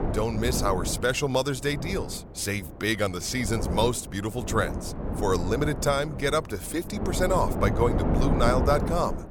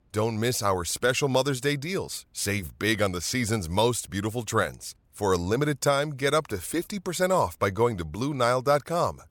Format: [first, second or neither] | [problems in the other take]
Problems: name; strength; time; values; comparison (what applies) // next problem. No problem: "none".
second | wind noise on the microphone; heavy; 8 dB below the speech